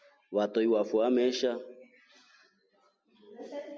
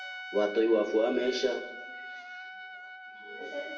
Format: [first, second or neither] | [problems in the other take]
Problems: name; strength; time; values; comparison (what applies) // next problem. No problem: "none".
first | background sound (Trumpet); 11 dB below the speech // room echo; dies away in 0.7 s